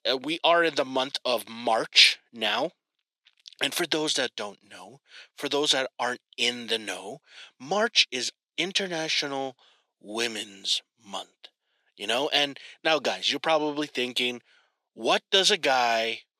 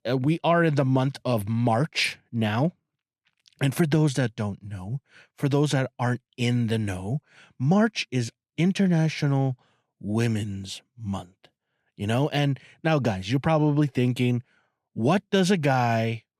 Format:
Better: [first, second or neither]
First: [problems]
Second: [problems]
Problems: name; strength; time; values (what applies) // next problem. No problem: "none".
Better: second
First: thin; very; fading below 400 Hz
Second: none